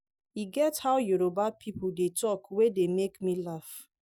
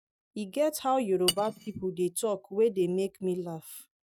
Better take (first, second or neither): first